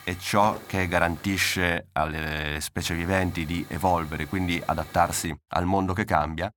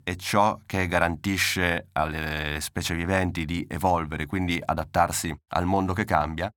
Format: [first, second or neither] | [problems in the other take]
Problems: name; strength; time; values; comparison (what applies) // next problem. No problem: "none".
second | hiss; noticeable; until 1.5 s and from 3 to 5.5 s; 20 dB below the speech